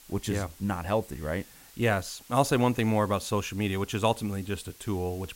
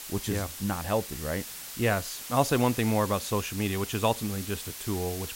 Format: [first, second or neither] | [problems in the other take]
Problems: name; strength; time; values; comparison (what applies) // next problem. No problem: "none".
first | hiss; loud; throughout; 8 dB below the speech; faint in the first